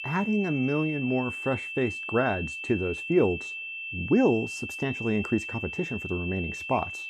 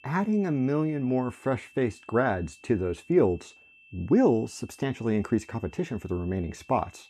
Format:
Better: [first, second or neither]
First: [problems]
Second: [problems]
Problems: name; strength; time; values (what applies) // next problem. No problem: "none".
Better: second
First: high-pitched whine; loud; throughout; 2.5 kHz, 6 dB below the speech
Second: high-pitched whine; faint; throughout; 2.5 kHz, 25 dB below the speech